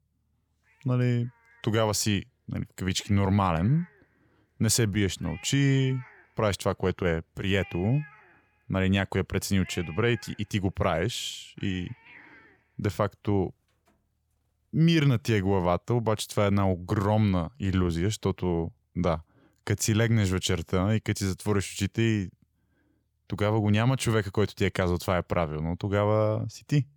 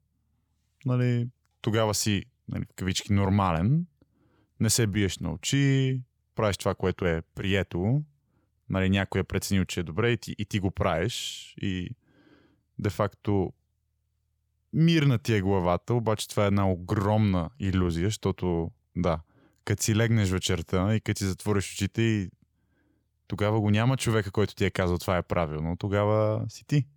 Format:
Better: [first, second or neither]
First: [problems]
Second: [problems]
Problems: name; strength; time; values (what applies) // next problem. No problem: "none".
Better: second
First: animal sounds; faint; throughout; 25 dB below the speech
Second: none